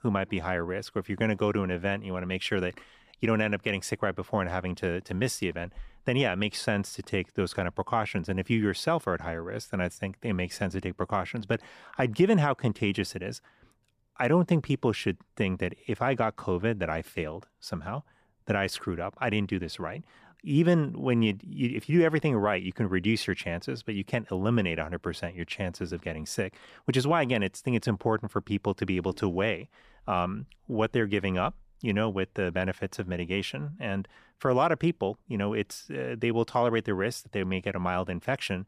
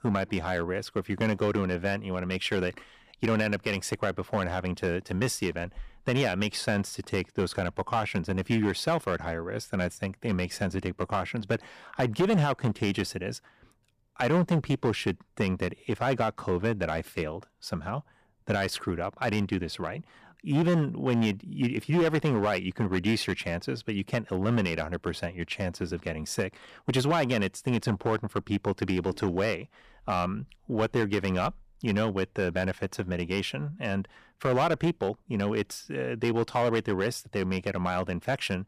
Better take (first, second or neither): first